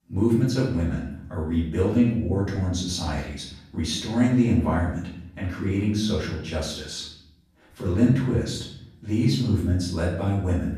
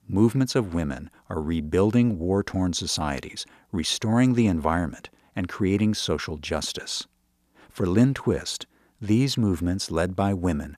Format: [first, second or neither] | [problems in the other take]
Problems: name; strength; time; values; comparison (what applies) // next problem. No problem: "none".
second | room echo; noticeable; dies away in 0.8 s // off-mic speech; far